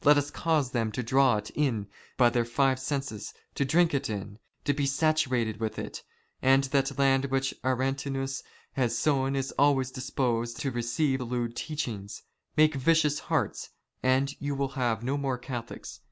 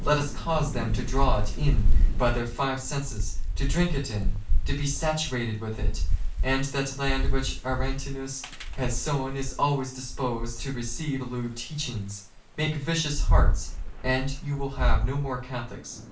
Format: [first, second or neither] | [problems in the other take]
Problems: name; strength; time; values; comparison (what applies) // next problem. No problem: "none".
first | background sound (Thunder / Rain); 4 dB above the speech // room echo; dies away in 0.3 s